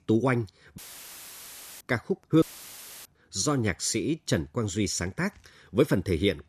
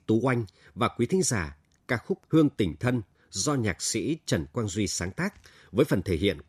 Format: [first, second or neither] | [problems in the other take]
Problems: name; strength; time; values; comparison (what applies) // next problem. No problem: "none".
second | audio cutting out; filled with static; at 1 s for 1 s and at 2.5 s for 0.5 s